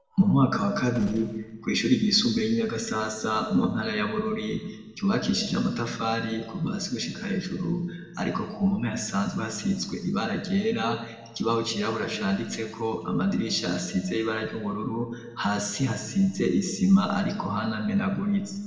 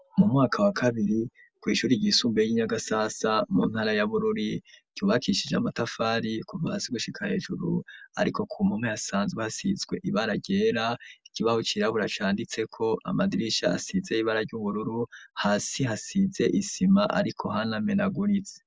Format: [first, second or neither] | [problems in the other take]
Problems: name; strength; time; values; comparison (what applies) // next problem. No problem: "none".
second | noise reduction (neural separator model SepFormer DNS4)